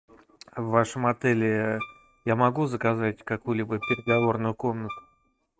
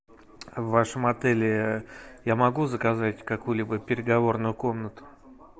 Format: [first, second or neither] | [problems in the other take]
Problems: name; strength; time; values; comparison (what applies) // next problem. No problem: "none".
second | noise reduction (neural mask model RNNoise)